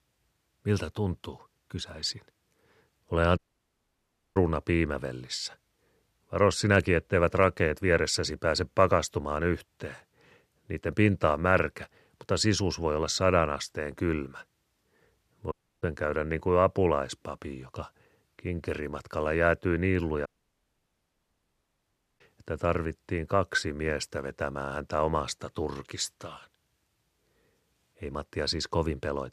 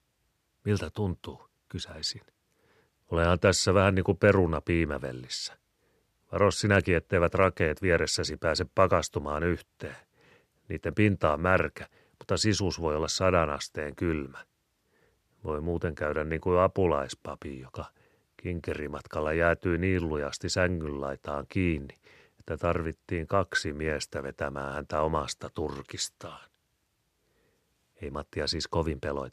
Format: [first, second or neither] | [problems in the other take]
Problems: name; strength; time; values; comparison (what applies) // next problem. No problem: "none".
second | audio cutting out; at 3.5 s for 1 s, at 16 s and at 20 s for 2 s